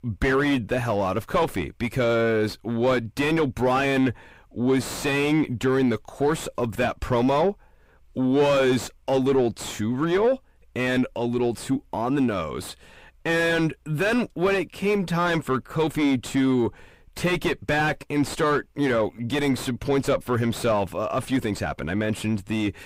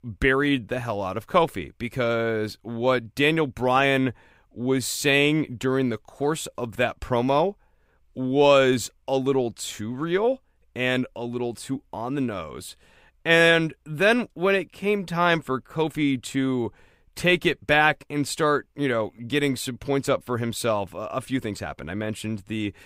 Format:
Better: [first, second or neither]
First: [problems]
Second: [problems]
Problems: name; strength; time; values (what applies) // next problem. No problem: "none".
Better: second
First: distortion; heavy; 5 dB below the speech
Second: none